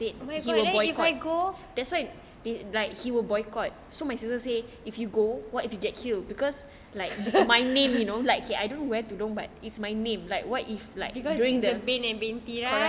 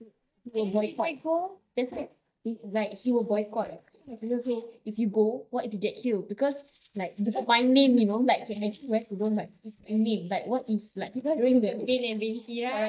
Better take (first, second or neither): first